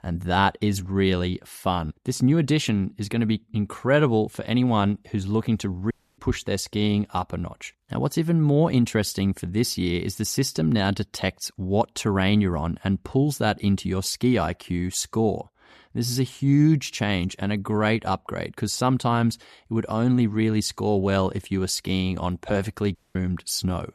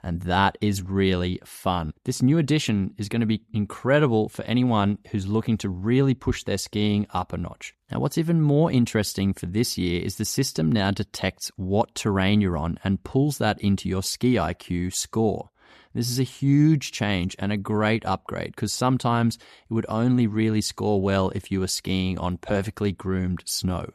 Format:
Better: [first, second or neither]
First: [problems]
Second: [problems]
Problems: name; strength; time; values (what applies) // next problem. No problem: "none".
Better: second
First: audio cutting out; at 6 s and at 23 s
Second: none